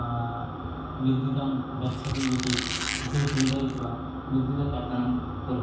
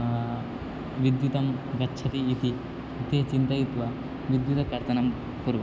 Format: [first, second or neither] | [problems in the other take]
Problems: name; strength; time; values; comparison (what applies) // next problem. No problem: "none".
second | background sound (Squeak); 6 dB below the speech // room echo; dies away in 0.7 s